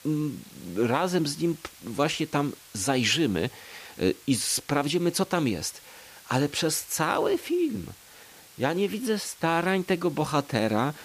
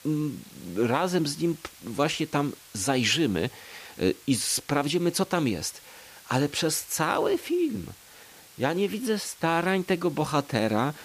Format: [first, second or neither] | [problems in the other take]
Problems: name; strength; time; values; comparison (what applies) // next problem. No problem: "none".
neither | hiss; faint; throughout; 20 dB below the speech; the same in both